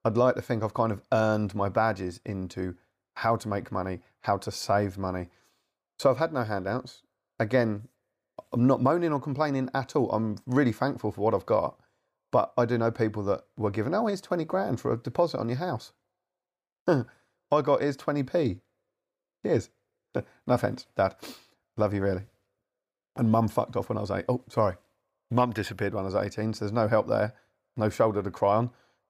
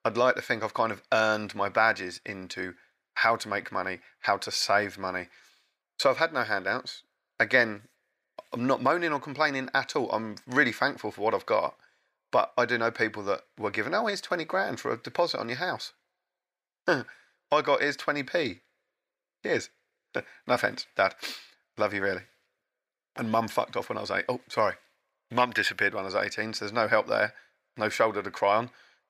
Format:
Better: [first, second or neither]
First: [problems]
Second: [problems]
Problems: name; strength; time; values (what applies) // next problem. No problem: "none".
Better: first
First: none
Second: thin; somewhat; fading below 1 kHz